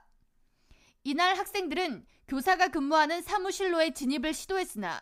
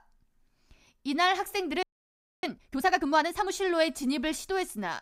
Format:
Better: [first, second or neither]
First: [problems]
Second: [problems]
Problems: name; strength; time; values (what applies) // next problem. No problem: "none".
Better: first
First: none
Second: audio freezing; at 2 s for 0.5 s